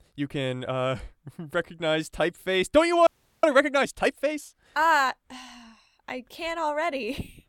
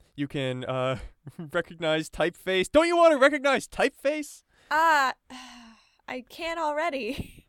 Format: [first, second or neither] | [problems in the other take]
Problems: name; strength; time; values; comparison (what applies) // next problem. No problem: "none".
second | audio freezing; at 3 s